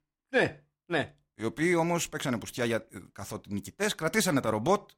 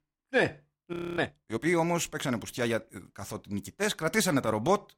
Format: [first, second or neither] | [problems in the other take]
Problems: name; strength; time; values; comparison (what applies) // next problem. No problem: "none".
first | audio freezing; at 1 s